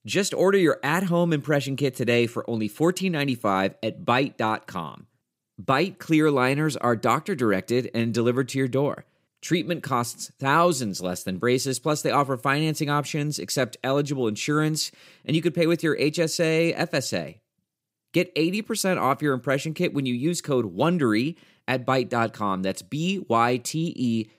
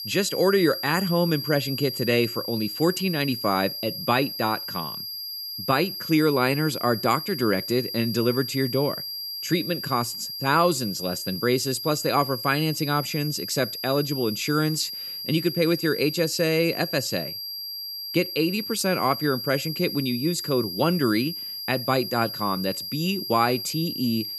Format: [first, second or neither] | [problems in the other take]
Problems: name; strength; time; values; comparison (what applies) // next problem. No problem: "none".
first | high-pitched whine; loud; throughout; 5 kHz, 6 dB below the speech